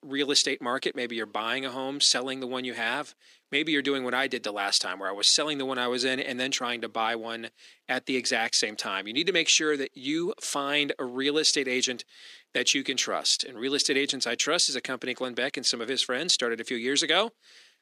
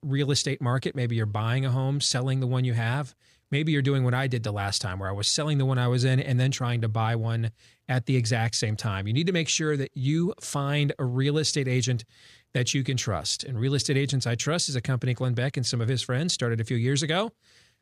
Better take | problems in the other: second | thin; somewhat; fading below 250 Hz

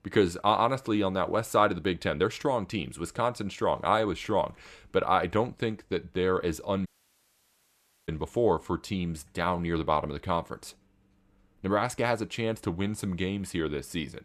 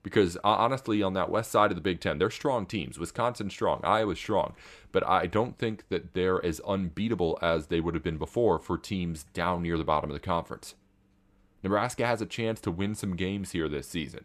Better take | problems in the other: second | audio cutting out; at 7 s for 1 s

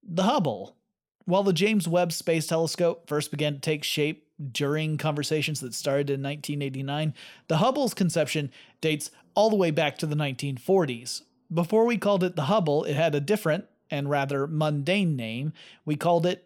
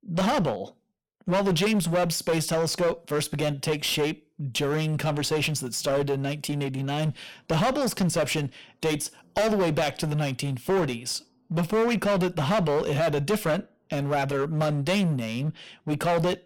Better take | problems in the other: first | distortion; heavy; 17% of the sound clipped

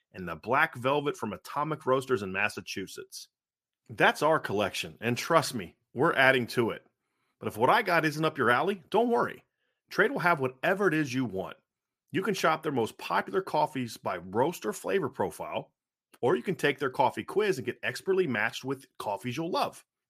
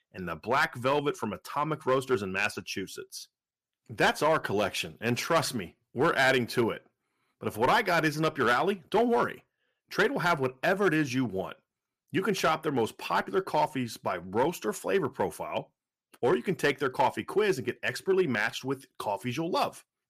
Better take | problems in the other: first | distortion; slight; 2% of the sound clipped

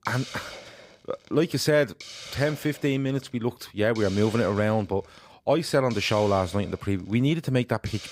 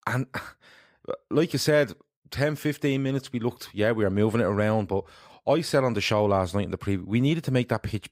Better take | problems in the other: second | hiss; noticeable; throughout; 15 dB below the speech

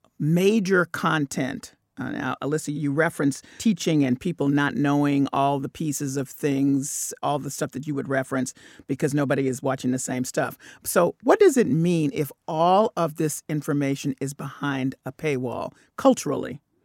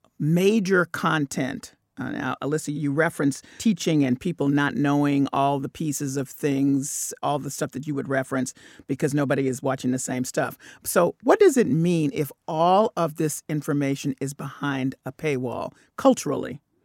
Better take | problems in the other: neither | none

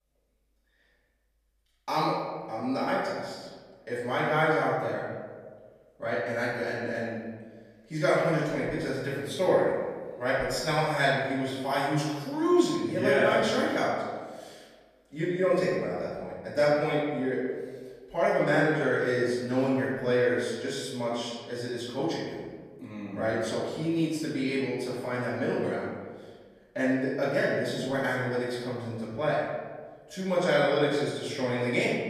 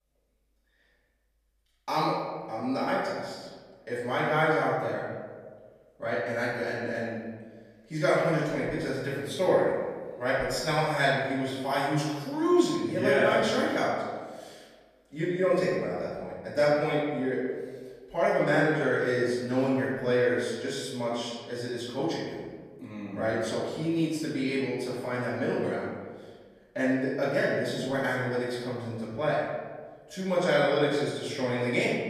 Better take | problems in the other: neither | off-mic speech; far; the same in both // room echo; noticeable; dies away in 1.4 s; the same in both

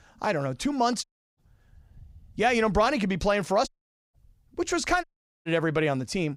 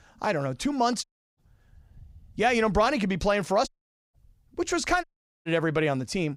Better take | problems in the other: neither | audio cutting out; at 1 s, at 3.5 s and at 5 s; the same in both

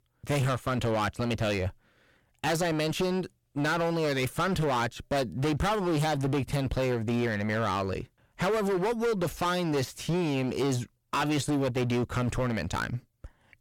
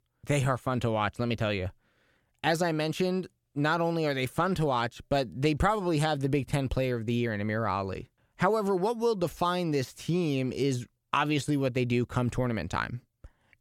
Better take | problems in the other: second | distortion; heavy; 20% of the sound clipped

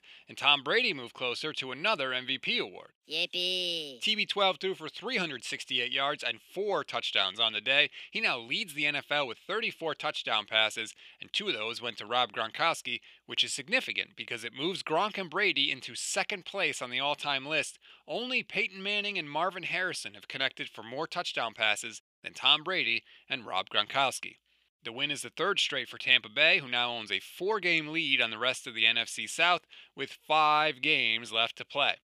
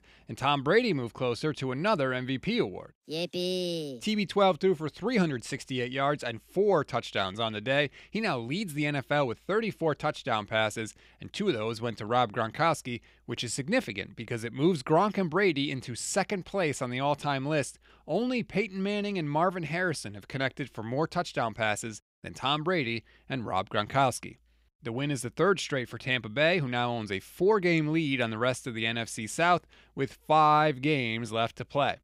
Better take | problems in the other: second | thin; somewhat; fading below 700 Hz

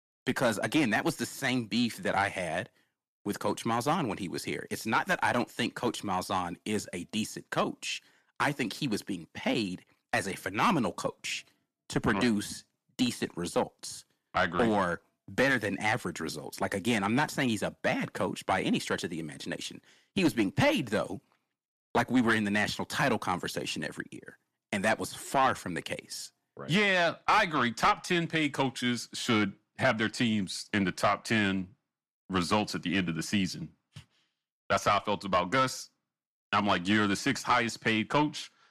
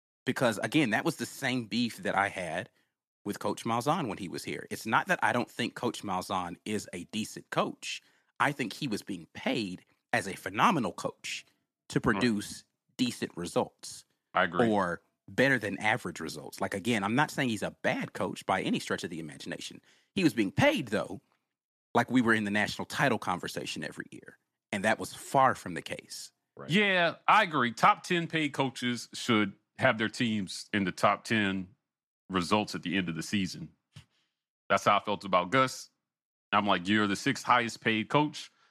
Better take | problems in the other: second | distortion; slight; 10 dB below the speech

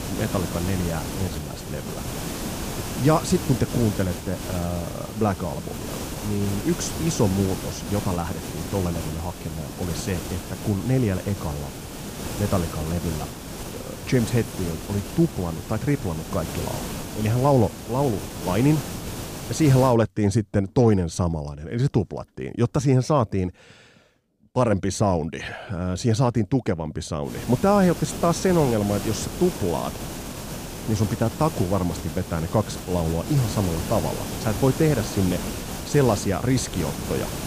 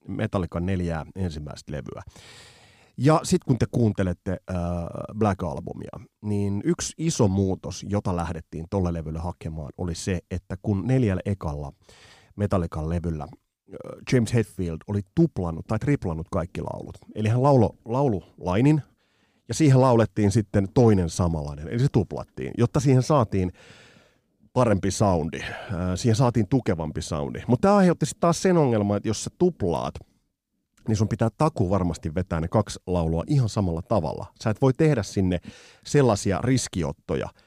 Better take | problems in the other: second | hiss; loud; until 20 s and from 27 s on; 8 dB below the speech

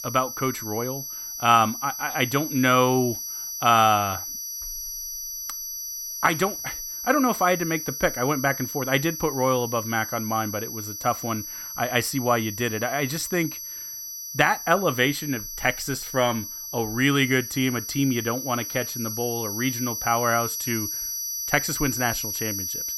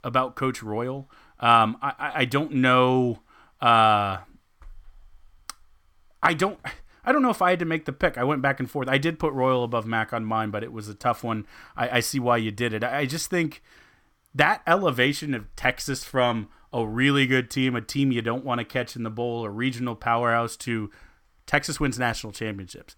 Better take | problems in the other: second | high-pitched whine; loud; throughout; 6 kHz, 6 dB below the speech

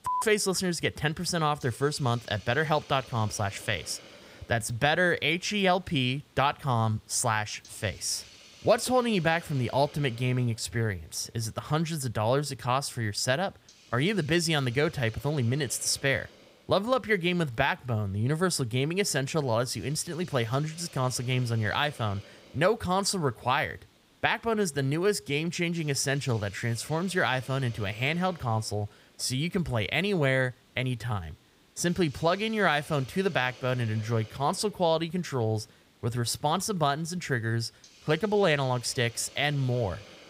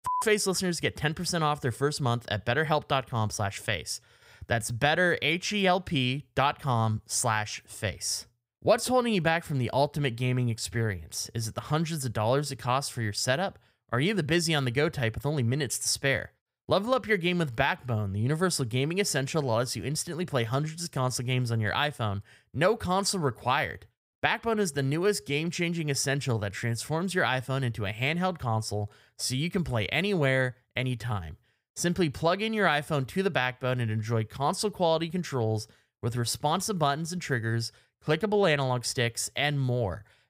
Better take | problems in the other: second | hiss; faint; throughout; 25 dB below the speech

